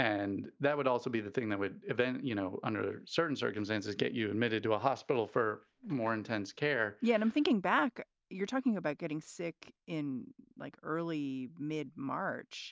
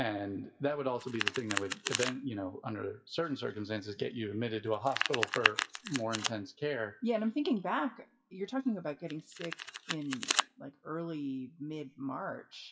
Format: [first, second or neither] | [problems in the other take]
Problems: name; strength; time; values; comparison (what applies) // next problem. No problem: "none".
first | noise reduction (classical method WPE with log-MMSE)